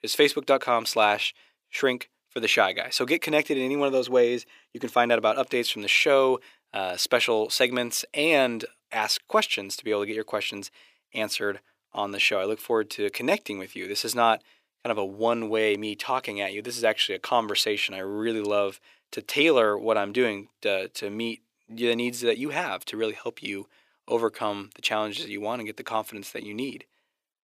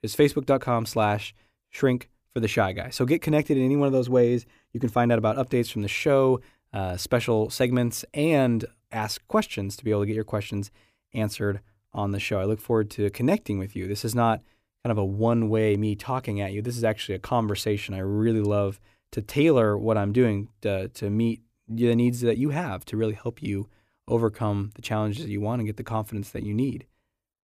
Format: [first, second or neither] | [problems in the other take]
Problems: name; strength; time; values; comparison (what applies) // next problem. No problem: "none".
second | thin; somewhat; fading below 400 Hz